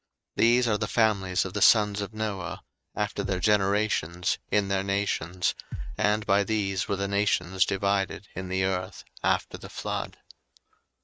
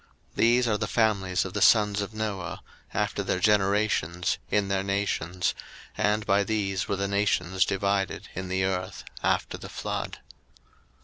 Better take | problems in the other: second | noise reduction (neural mask model RNNoise)

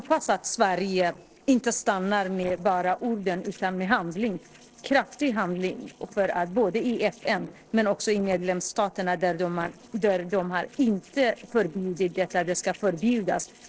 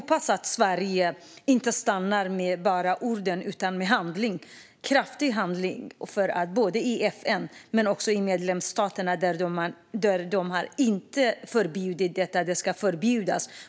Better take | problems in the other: second | noise reduction (neural separator model SepFormer DNS4)

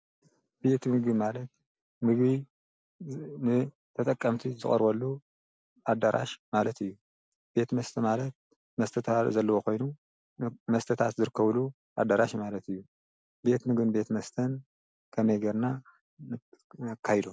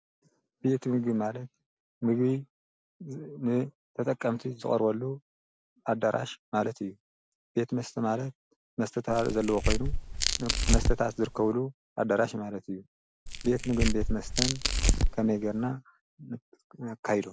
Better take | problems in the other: first | background sound (Tearing); 3 dB above the speech

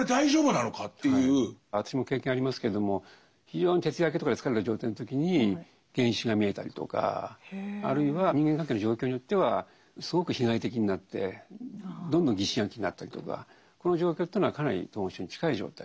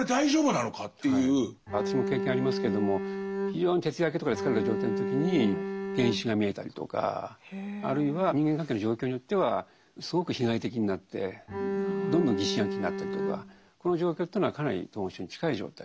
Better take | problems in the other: first | background sound (Bowed string instrument); 2 dB below the speech

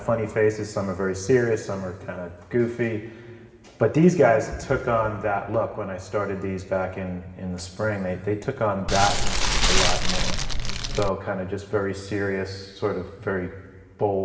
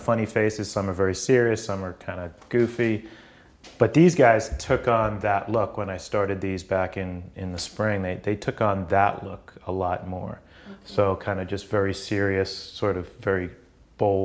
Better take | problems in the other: second | background sound (Fire); 4 dB above the speech // room echo; dies away in 1.8 s

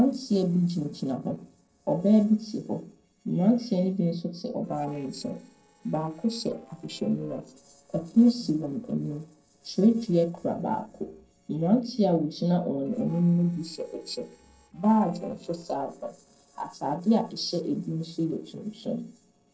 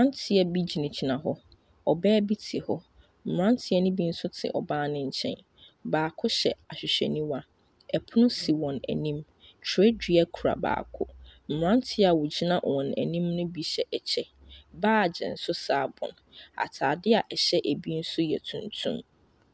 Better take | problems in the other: second | noise reduction (neural separator model SepFormer DNS4)

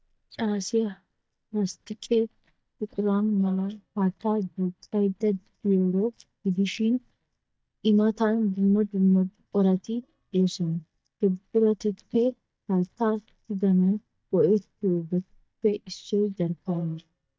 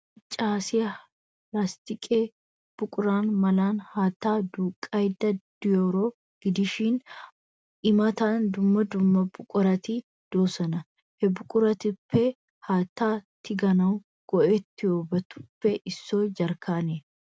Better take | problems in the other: second | noise reduction (neural mask model DeepFilterNet 3)

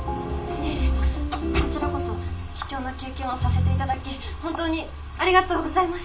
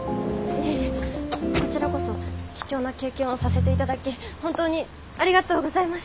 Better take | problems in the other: second | room echo; dies away in 0.2 s

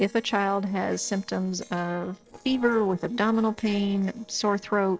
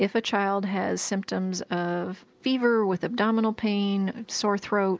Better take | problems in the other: second | noise reduction (neural separator model SepFormer DNS4)

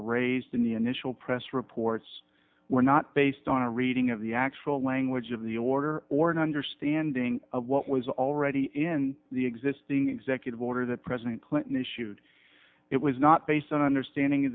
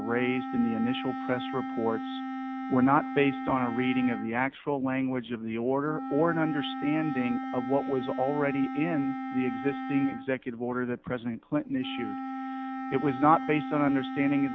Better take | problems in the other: first | background sound (Wind instrument, woodwind instrument); 7 dB below the speech

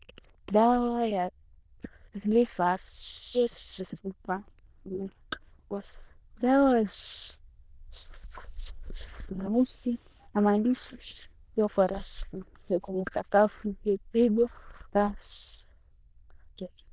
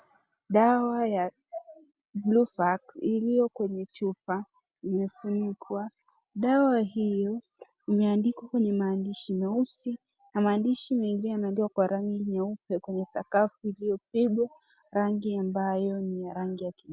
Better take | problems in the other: second | noise reduction (neural diffusion model UNIVERSE++)

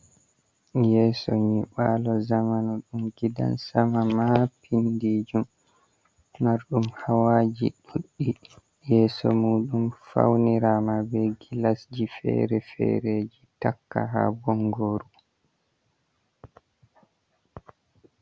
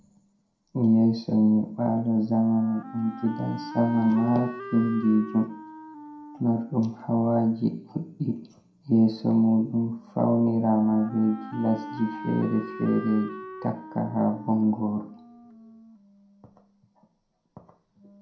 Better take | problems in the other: first | background sound (Wind instrument, woodwind instrument); 17 dB below the speech // room echo; dies away in 0.5 s

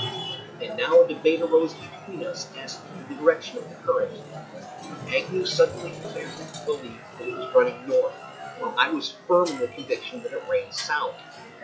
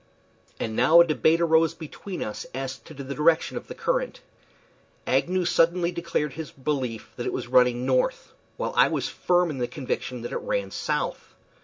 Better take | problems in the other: second | noise reduction (classical method log-MMSE)

